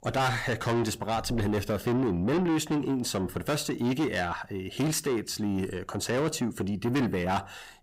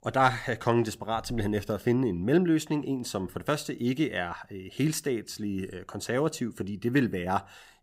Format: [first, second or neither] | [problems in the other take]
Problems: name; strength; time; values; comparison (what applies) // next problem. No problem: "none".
second | distortion; heavy; 7 dB below the speech